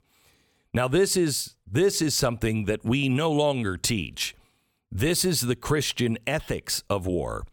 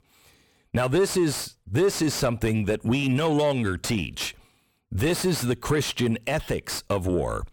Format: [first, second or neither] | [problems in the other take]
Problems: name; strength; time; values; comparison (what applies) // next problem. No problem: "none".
first | distortion; slight; 10 dB below the speech